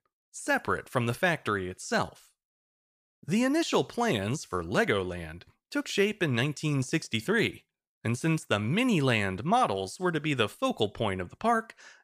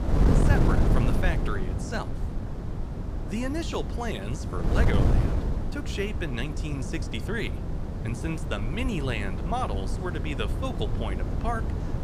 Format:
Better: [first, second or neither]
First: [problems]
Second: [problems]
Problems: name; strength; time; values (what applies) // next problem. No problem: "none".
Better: first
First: none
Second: wind noise on the microphone; heavy; 3 dB below the speech